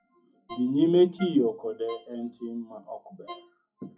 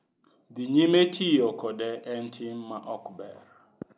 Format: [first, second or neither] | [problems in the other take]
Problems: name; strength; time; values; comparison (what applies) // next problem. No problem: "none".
second | noise reduction (classical method WPE with log-MMSE)